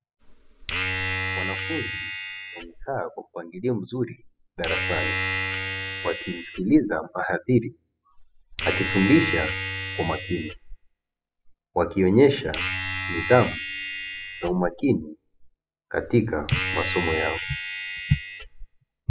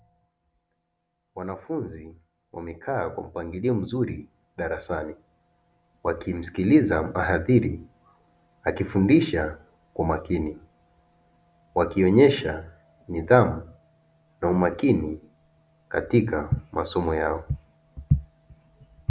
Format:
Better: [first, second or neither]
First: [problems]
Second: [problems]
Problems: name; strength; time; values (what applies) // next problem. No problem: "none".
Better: second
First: noise reduction (classical method spectral subtraction)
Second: none